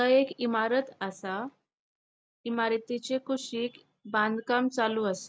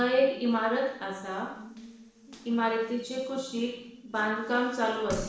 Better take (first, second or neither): first